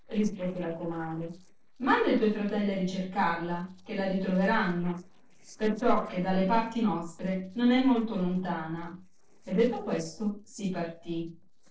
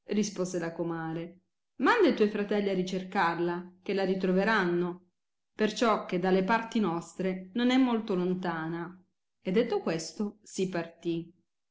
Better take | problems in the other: second | noise reduction (neural separator model SepFormer DNS4)

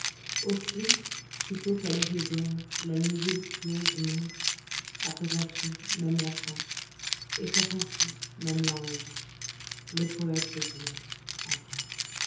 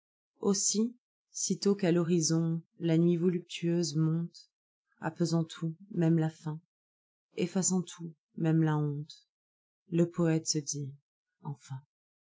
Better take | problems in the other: second | background sound (Keys jangling); as loud as the speech // room echo; dies away in 0.8 s

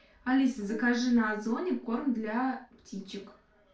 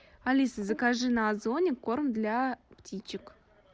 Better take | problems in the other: second | room echo; dies away in 0.3 s

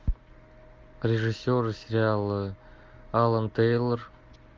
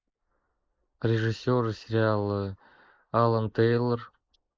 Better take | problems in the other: first | noise reduction (neural mask model Resemble Enhance denoiser)

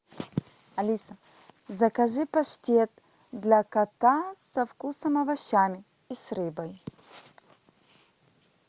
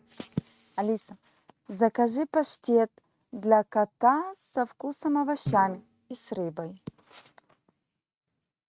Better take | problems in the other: first | noise reduction (neural mask model RNNoise)

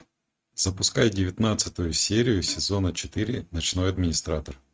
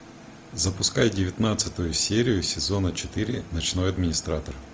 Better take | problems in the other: second | noise reduction (neural mask model RNNoise)

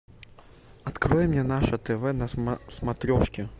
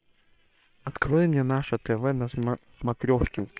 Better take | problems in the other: first | noise reduction (neural separator model SepFormer WHAM!)

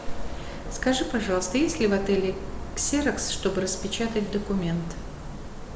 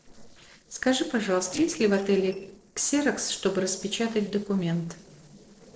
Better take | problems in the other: first | noise reduction (neural separator model SepFormer DNS4)

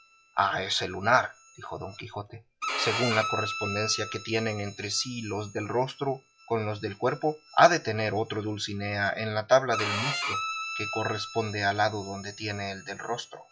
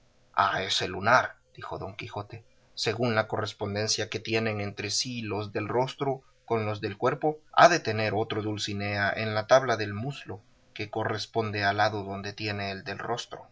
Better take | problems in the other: second | noise reduction (classical method log-MMSE)

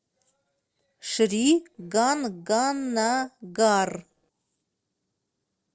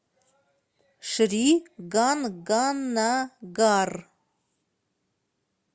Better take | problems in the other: second | noise reduction (neural separator model SepFormer DNS4)

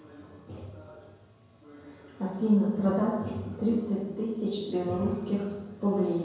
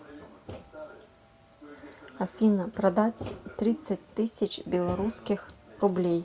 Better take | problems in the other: second | room echo; dies away in 0.9 s

